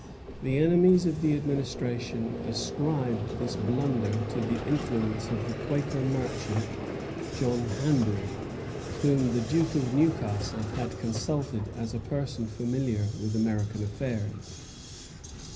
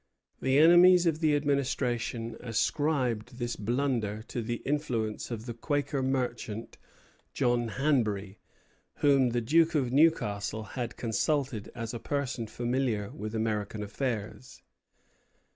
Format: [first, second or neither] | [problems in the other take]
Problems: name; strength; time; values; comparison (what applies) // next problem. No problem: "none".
second | background sound (Vehicle); 7 dB below the speech // room echo; dies away in 0.5 s